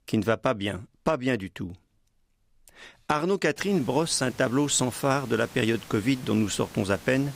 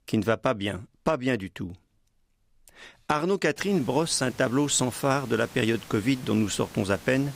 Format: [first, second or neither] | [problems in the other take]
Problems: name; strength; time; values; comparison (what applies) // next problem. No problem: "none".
neither | hiss; very faint; from 3.5 s on; 20 dB below the speech; the same in both